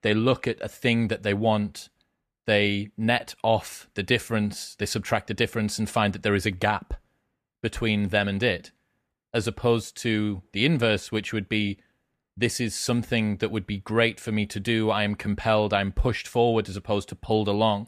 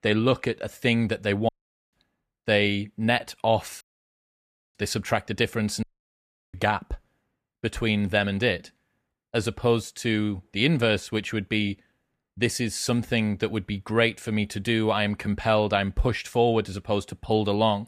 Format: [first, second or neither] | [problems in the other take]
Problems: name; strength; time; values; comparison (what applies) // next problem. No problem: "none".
first | audio cutting out; at 1.5 s, at 4 s for 1 s and at 6 s for 0.5 s